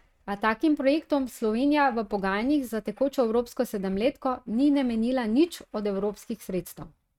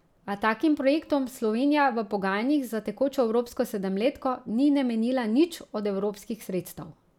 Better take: second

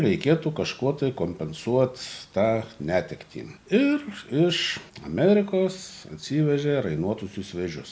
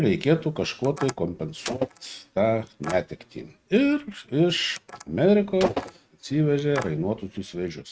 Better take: first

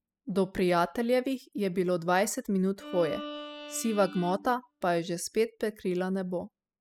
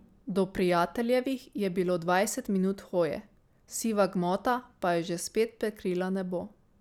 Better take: second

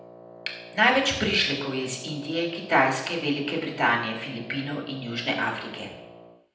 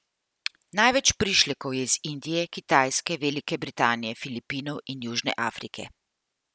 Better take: second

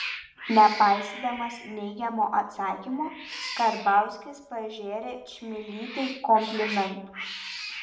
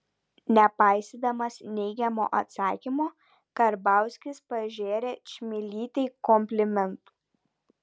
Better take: second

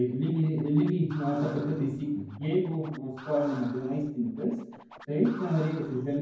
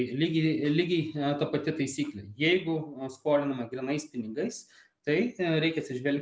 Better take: second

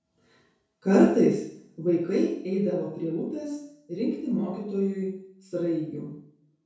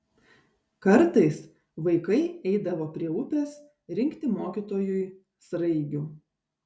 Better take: second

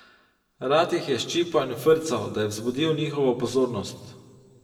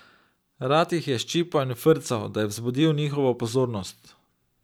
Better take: second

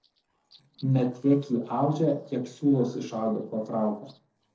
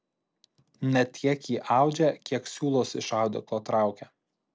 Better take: second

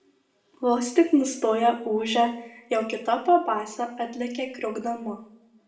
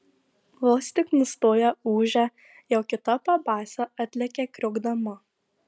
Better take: second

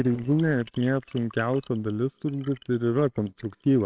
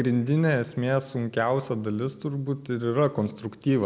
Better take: second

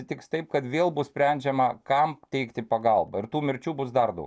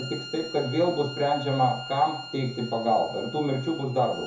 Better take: first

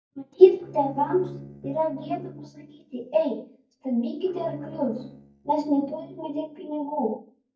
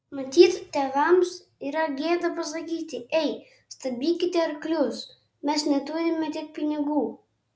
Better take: second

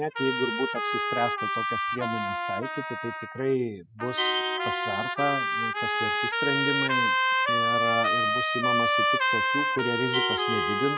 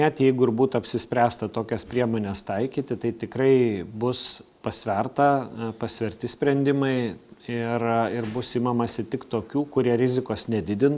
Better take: second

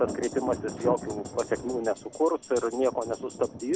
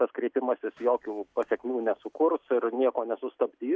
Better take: second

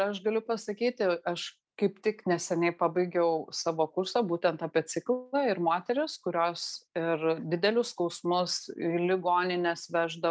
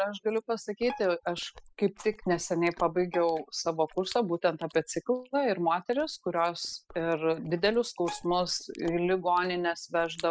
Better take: first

